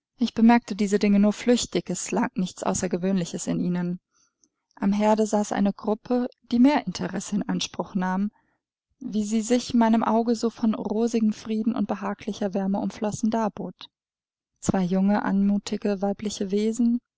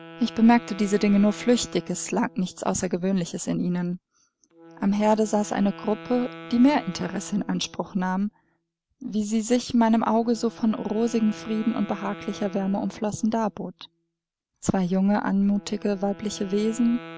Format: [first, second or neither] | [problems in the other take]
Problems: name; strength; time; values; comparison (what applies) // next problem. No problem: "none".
first | background sound (Wind instrument, woodwind instrument); 19 dB below the speech